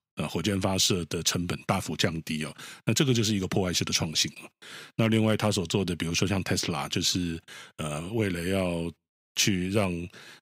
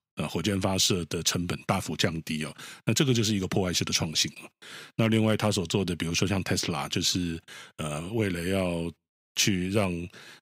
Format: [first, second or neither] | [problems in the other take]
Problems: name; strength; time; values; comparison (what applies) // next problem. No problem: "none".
neither | none